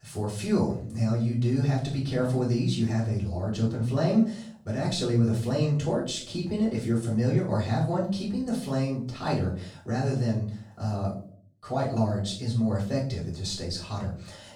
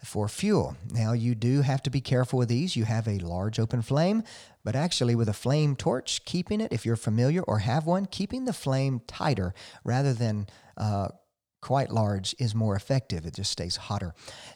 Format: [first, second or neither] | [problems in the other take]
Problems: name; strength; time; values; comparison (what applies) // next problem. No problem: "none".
second | off-mic speech; far // room echo; noticeable; dies away in 0.4 s